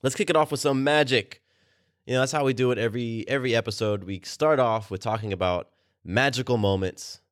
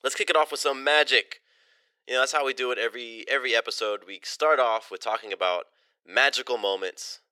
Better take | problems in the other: first | thin; very; fading below 400 Hz

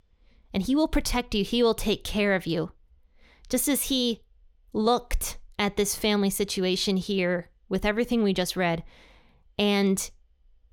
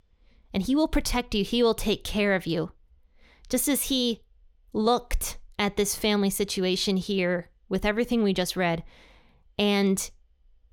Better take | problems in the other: neither | none

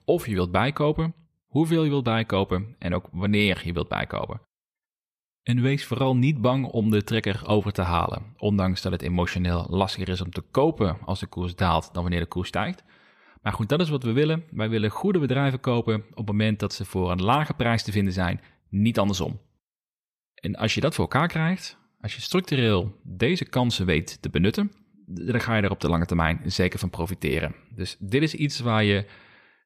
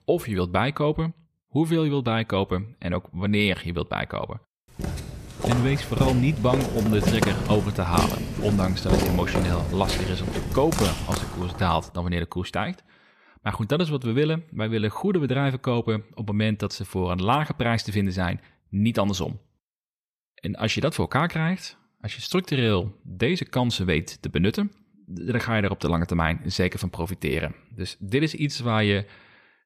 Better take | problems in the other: first | footsteps; loud; from 5 to 12 s; peak 2 dB above the speech

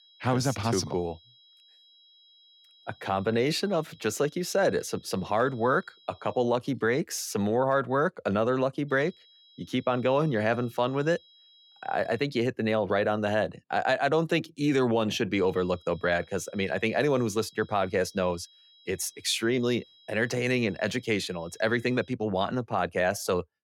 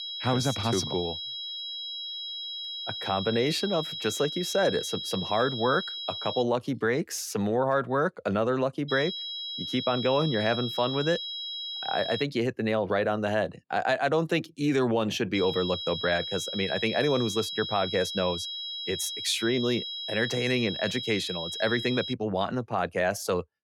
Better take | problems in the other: first | high-pitched whine; loud; until 6.5 s, from 9 to 12 s and from 15 to 22 s; 4 kHz, 5 dB below the speech; faint in the first

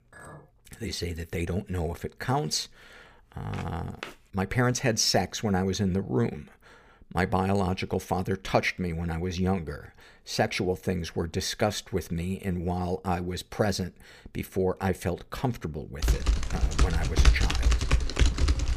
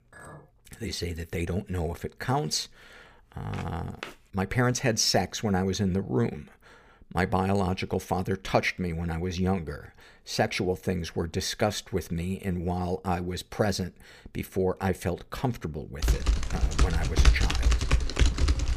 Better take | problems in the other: neither | clattering dishes; faint; at the start; peak 15 dB below the speech; the same in both // footsteps; faint; at 3.5 s; peak 15 dB below the speech; the same in both // keyboard typing; loud; from 16 s on; peak 6 dB above the speech; the same in both

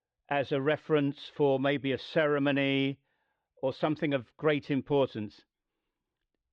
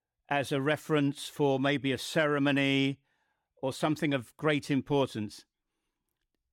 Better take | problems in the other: second | muffled; slightly; fading above 4 kHz

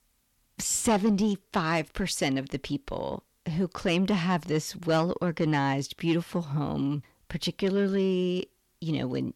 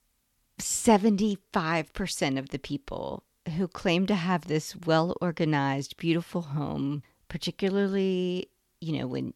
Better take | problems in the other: second | distortion; slight; 10 dB below the speech

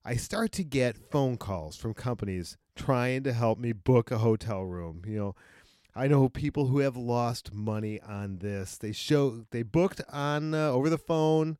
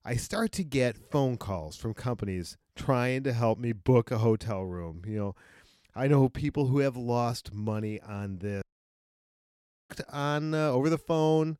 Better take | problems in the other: first | audio cutting out; at 8.5 s for 1.5 s

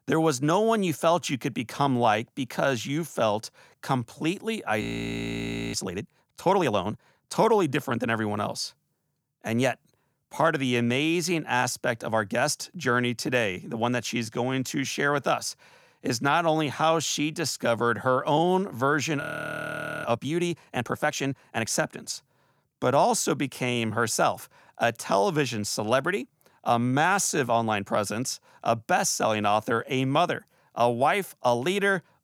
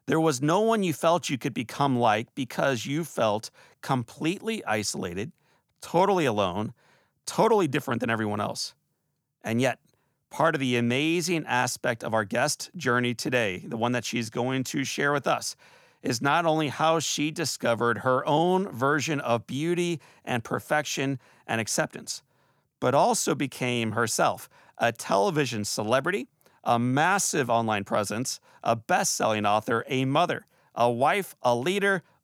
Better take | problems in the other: second | audio freezing; at 5 s for 1 s and at 19 s for 1 s

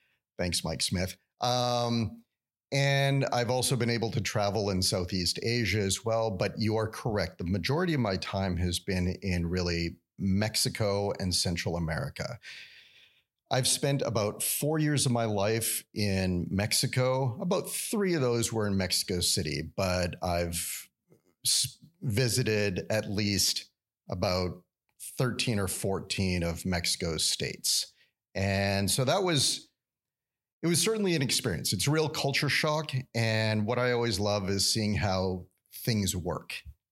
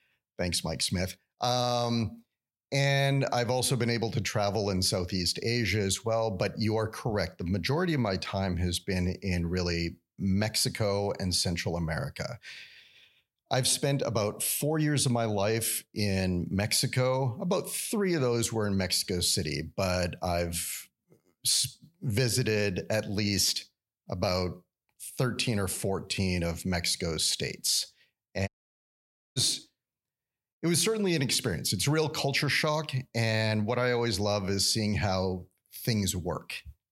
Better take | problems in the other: first | audio cutting out; at 28 s for 1 s

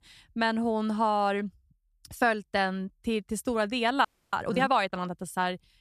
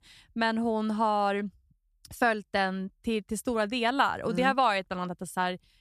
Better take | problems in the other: second | audio freezing; at 4 s

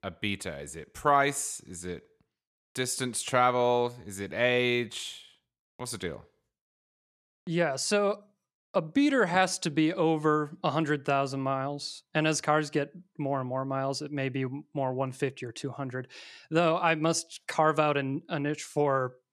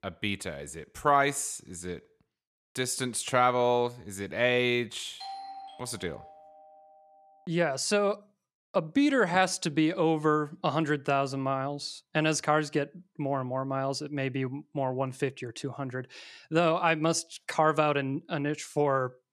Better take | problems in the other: first | doorbell; faint; from 5 to 7 s; peak 10 dB below the speech

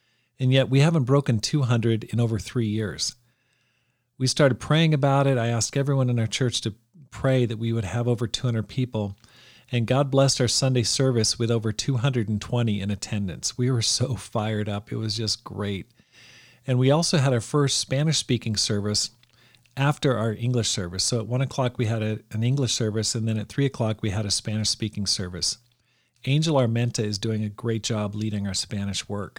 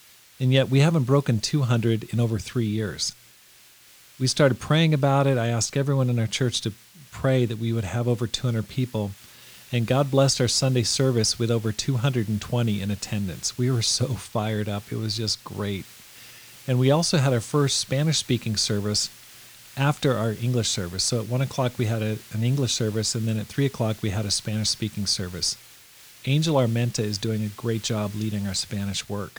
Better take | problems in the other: first | hiss; faint; throughout; 20 dB below the speech

